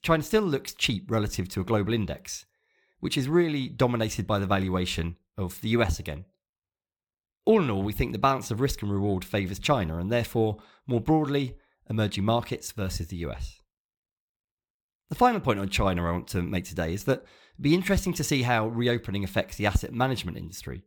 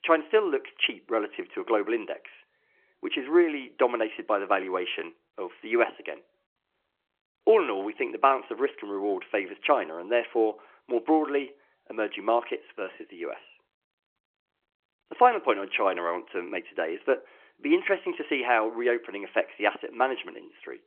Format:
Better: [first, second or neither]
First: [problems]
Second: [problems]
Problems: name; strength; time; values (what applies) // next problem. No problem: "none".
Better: first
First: none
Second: phone-call audio